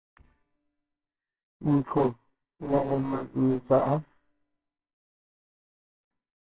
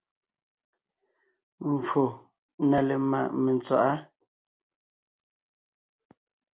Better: second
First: noise reduction (neural separator model SepFormer WHAMR!)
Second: none

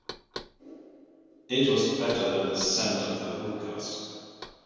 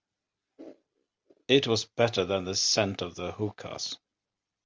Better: second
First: background sound (Knock); 17 dB below the speech // room echo; dies away in 2 s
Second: none

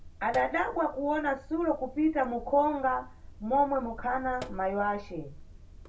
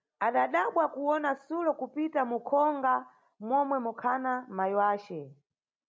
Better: second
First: background sound (Sink (filling or washing)); 15 dB below the speech // room echo; dies away in 0.2 s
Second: none

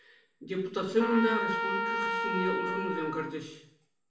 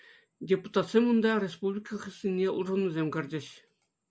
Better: second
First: background sound (Trumpet); 1 dB below the speech // room echo; dies away in 0.6 s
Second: none

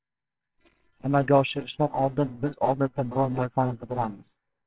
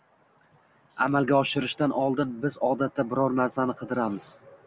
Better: second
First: noise reduction (neural separator model SepFormer WHAMR!)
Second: none

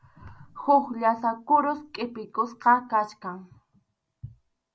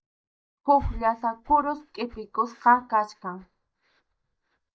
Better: first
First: none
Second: noise reduction (neural mask model DeepFilterNet 3)

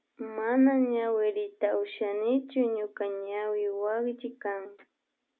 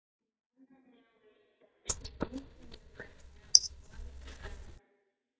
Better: first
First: none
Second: noise reduction (neural mask model DeepFilterNet 3)

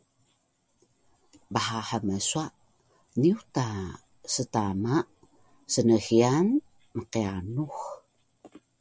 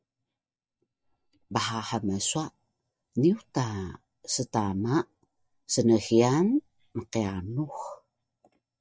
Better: first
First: none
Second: noise reduction (neural mask model DeepFilterNet 3)

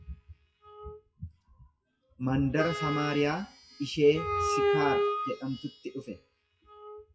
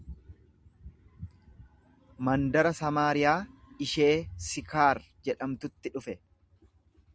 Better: second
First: noise reduction (classical method WPE with log-MMSE)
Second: none

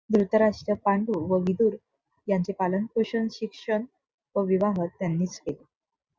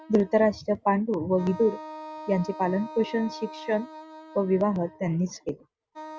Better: first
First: none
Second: background sound (Wind instrument, woodwind instrument); 16 dB below the speech

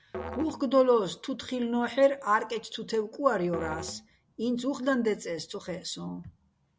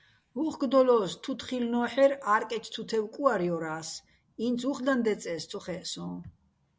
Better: second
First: background sound (Musical instrument); 16 dB below the speech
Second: none

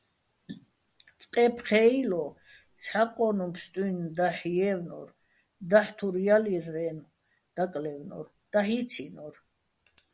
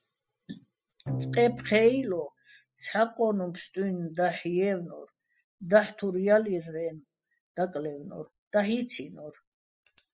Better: first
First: none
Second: noise reduction (classical method spectral subtraction)

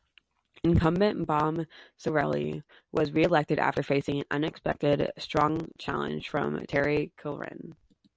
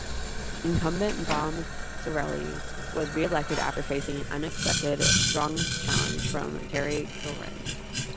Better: first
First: none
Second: background sound (Boiling); 1 dB above the speech

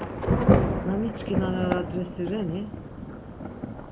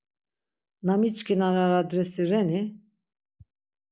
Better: second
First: background sound (Thunder / Rain); 5 dB above the speech // room echo; dies away in 0.8 s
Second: none

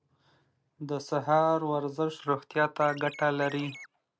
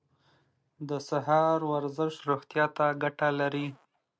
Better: second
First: background sound (Chirp, tweet); 16 dB below the speech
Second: none

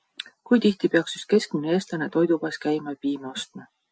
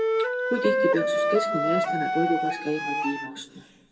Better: first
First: none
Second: background sound (Wind instrument, woodwind instrument); 3 dB above the speech // room echo; dies away in 1.7 s

